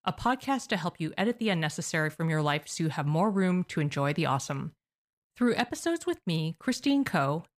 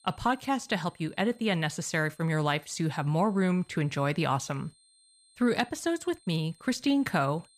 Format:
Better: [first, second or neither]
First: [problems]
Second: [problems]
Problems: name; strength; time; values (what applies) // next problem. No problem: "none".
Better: first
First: none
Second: high-pitched whine; faint; throughout; 8.5 kHz, 30 dB below the speech